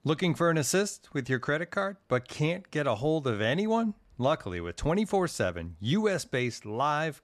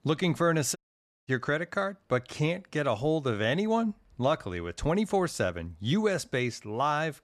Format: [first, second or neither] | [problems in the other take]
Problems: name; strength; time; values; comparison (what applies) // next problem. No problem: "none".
first | audio cutting out; at 1 s for 0.5 s